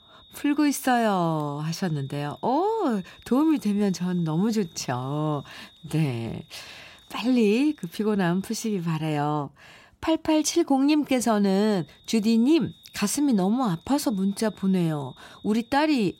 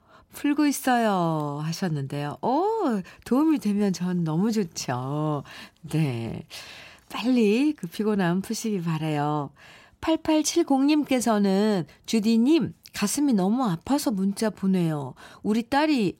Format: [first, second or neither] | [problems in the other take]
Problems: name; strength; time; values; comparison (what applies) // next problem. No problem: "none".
second | high-pitched whine; faint; until 9 s and from 11 s on; 3.5 kHz, 30 dB below the speech